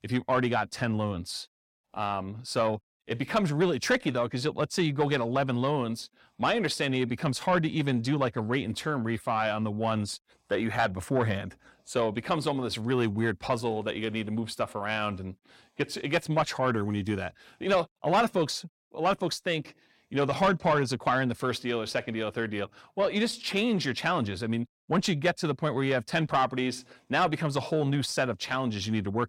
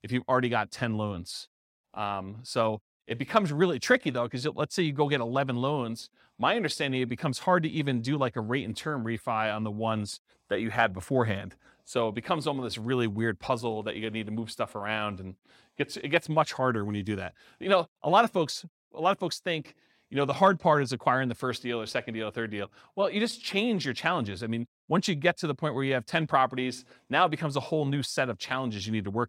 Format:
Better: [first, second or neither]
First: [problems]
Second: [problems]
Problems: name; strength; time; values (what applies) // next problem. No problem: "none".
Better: second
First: distortion; slight; 10 dB below the speech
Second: none